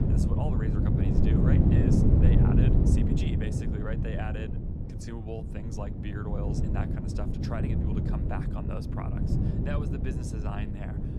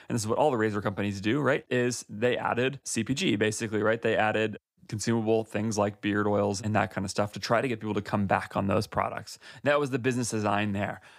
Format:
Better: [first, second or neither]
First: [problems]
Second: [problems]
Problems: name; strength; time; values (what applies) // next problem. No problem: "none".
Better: second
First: wind noise on the microphone; heavy; 4 dB above the speech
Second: none